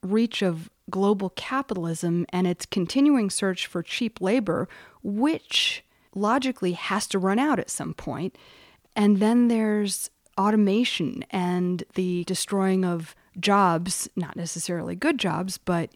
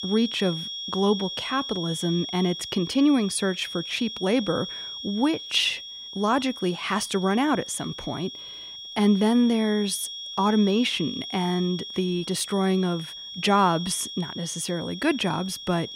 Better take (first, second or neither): first